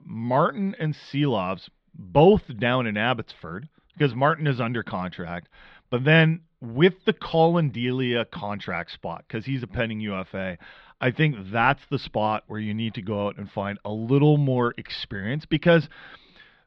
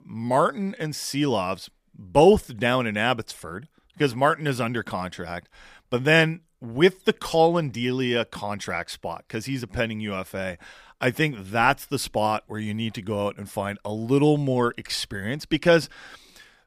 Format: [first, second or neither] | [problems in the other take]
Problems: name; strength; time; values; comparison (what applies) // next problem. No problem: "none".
second | muffled; slightly; fading above 4 kHz